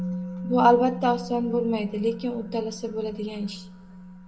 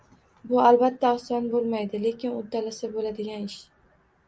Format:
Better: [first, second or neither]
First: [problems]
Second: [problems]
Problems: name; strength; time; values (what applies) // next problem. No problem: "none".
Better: second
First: background sound (Musical instrument); 10 dB below the speech // room echo; dies away in 0.5 s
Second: none